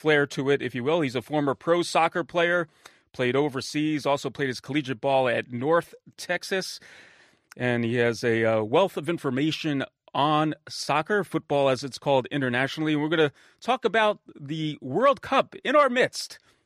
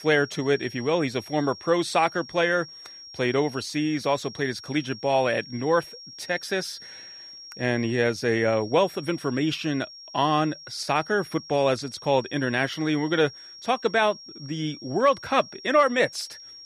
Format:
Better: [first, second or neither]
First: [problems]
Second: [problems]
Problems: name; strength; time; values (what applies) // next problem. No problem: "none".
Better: first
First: none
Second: high-pitched whine; noticeable; throughout; 5.5 kHz, 15 dB below the speech